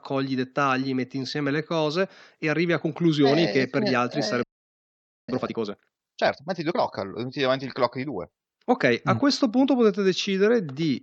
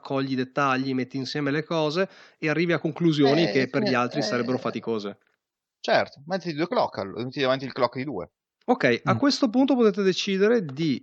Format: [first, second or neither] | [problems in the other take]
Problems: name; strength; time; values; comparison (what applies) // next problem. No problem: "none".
second | audio freezing; at 4.5 s for 1 s